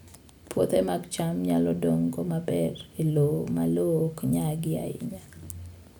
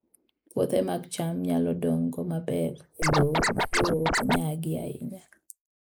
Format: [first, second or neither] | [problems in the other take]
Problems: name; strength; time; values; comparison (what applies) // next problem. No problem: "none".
first | noise reduction (neural mask model Resemble Enhance denoiser)